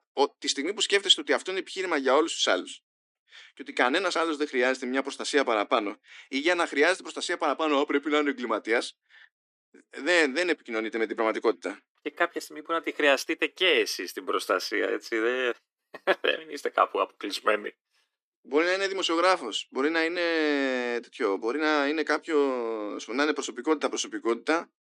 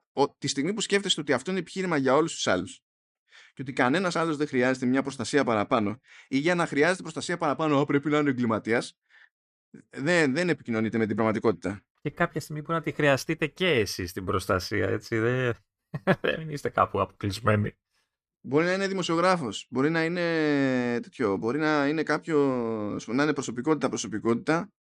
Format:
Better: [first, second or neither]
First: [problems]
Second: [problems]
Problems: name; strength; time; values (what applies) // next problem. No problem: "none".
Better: second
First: thin; very slightly; fading below 300 Hz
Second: none